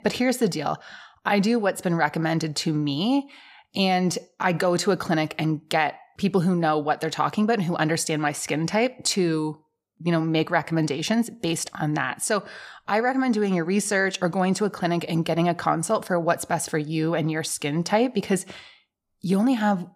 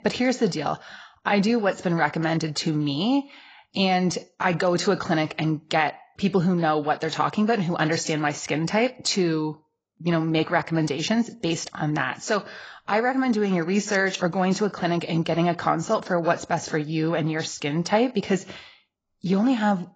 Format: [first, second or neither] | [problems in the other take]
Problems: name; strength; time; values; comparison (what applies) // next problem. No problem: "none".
first | garbled, watery; badly; nothing above 7.5 kHz